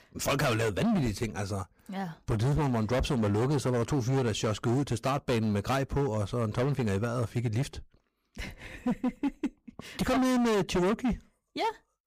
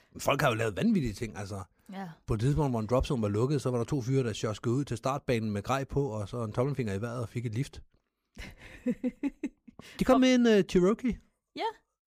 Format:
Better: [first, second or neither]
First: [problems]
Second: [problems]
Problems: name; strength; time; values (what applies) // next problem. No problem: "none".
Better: second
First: distortion; heavy; 19% of the sound clipped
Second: none